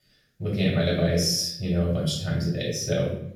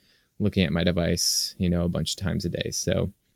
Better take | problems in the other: second | off-mic speech; far // room echo; noticeable; dies away in 0.6 s

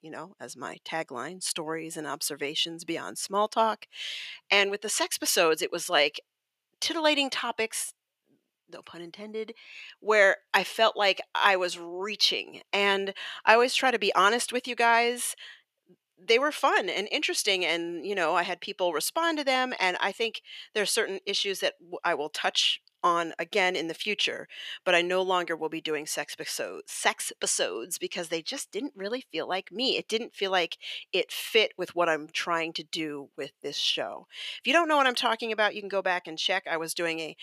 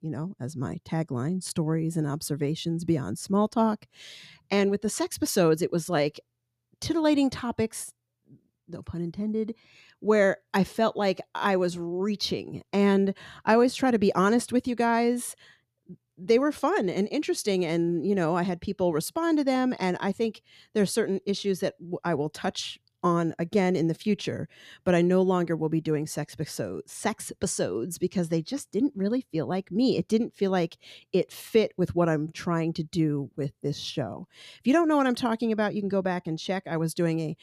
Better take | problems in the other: second | thin; very; fading below 600 Hz

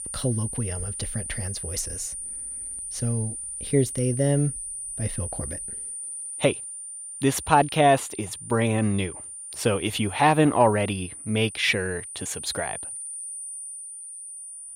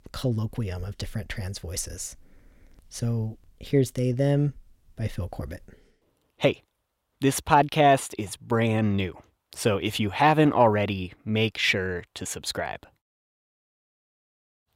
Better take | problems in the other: second | high-pitched whine; loud; throughout; 9.5 kHz, 8 dB below the speech

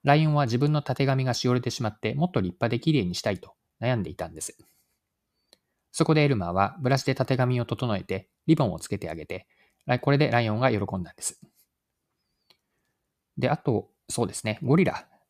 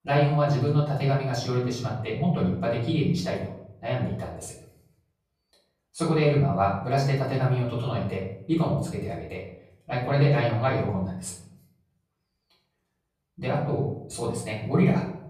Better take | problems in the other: first | off-mic speech; far // room echo; noticeable; dies away in 0.6 s

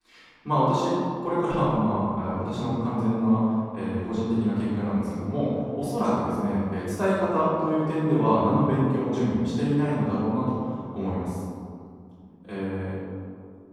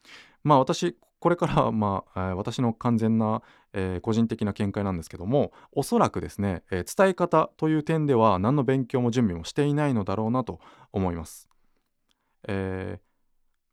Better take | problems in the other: second | off-mic speech; far // room echo; strong; dies away in 2.2 s

